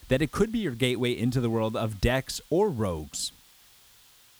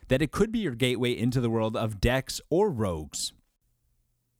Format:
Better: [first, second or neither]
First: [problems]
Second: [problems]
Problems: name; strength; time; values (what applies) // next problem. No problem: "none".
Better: second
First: hiss; faint; throughout; 25 dB below the speech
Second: none